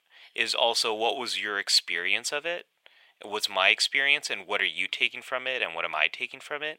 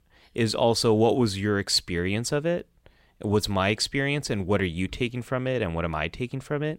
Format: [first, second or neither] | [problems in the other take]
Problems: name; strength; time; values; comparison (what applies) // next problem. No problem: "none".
second | thin; very; fading below 750 Hz